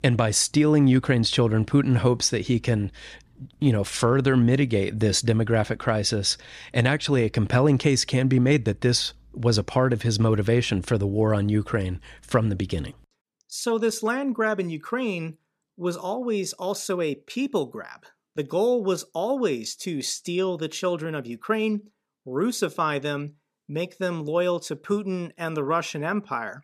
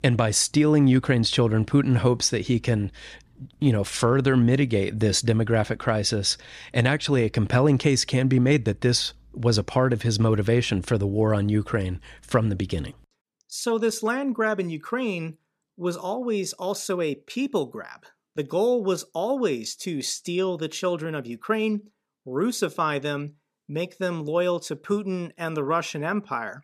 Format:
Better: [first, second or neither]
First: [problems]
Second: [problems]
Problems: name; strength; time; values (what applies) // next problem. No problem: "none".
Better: neither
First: none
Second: none